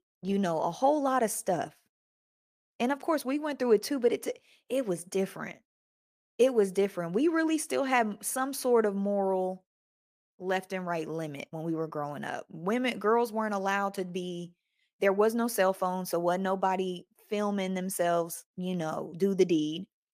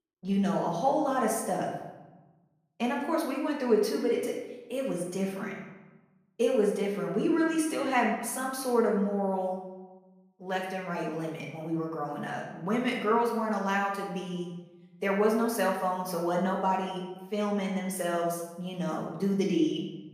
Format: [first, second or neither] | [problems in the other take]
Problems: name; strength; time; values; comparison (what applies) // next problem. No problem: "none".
first | room echo; noticeable; dies away in 0.8 s // off-mic speech; far